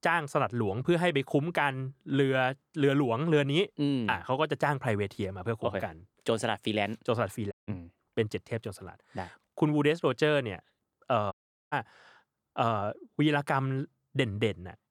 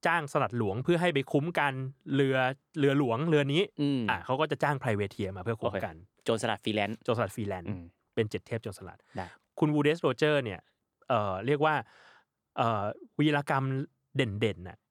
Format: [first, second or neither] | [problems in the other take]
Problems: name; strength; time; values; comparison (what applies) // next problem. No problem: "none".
second | audio cutting out; at 7.5 s and at 11 s